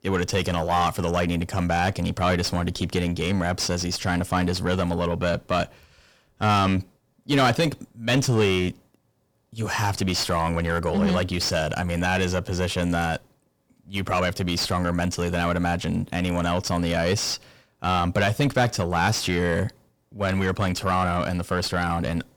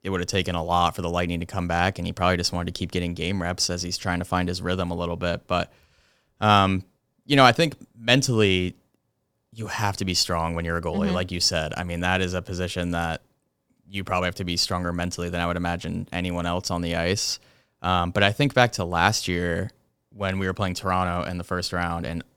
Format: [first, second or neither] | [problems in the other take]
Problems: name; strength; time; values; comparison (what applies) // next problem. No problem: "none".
second | distortion; heavy; 6 dB below the speech